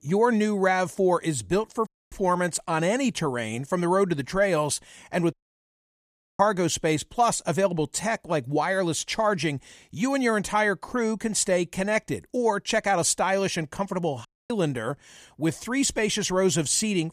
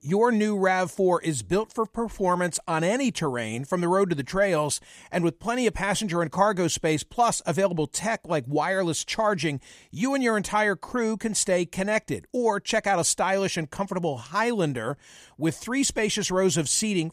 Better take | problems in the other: second | audio cutting out; at 2 s, at 5.5 s for 1 s and at 14 s

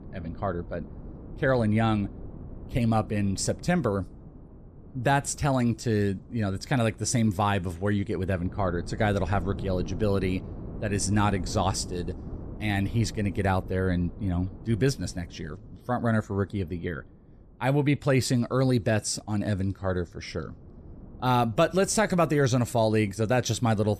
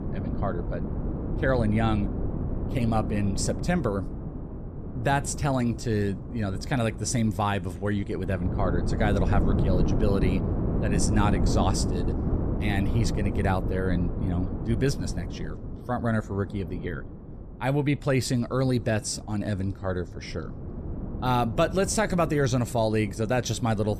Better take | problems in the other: first | wind noise on the microphone; heavy; 9 dB below the speech; occasional gusts in the first

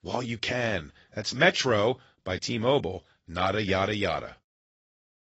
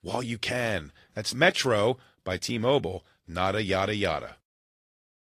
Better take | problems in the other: second | garbled, watery; badly; nothing above 7.5 kHz; slightly in the second

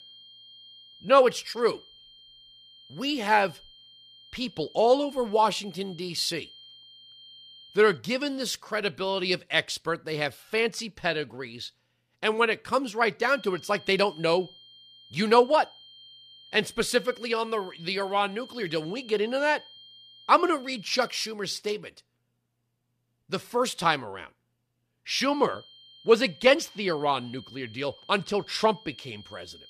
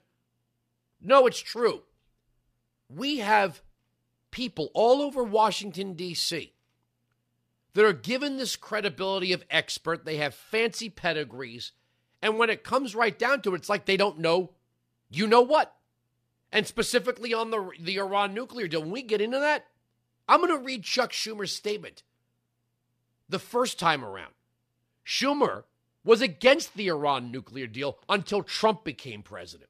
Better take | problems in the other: second | high-pitched whine; faint; until 8 s, from 13 to 21 s and from 25 s on; 3 kHz, 20 dB below the speech

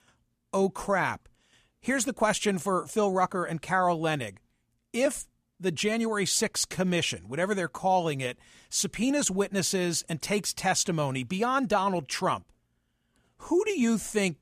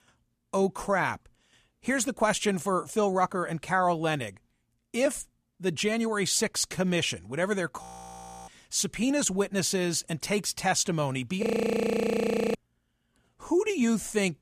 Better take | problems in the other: first | audio freezing; at 8 s for 0.5 s and at 11 s for 1 s

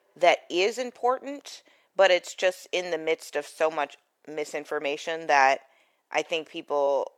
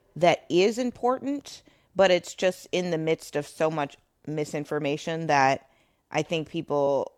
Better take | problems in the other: second | thin; somewhat; fading below 500 Hz

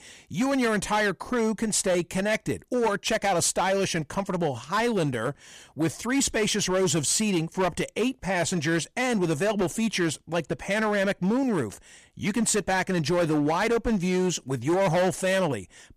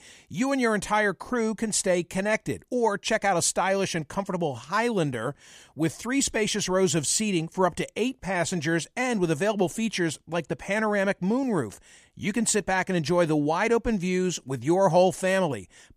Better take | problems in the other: second | distortion; slight; 12% of the sound clipped

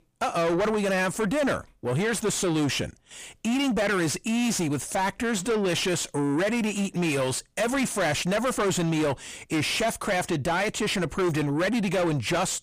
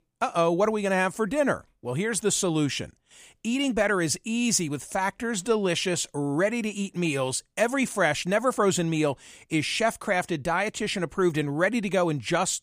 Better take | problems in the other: second | distortion; heavy; 6 dB below the speech

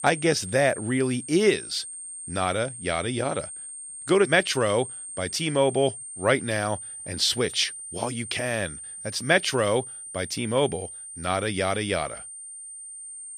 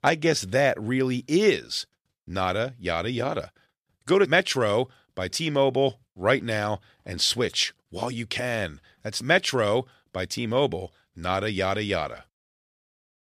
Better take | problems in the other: second | high-pitched whine; noticeable; throughout; 8.5 kHz, 10 dB below the speech

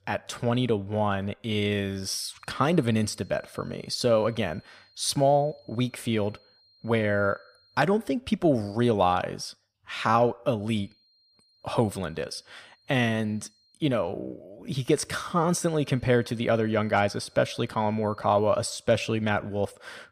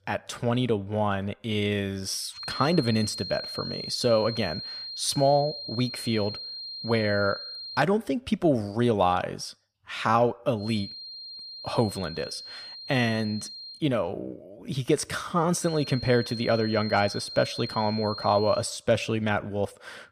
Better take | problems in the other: first | high-pitched whine; loud; from 2.5 to 8 s, from 11 to 14 s and from 16 to 19 s; 4 kHz, 9 dB below the speech; faint in the first

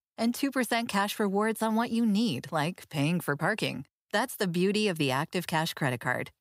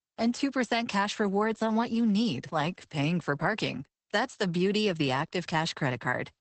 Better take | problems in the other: first | garbled, watery; badly; nothing above 8 kHz

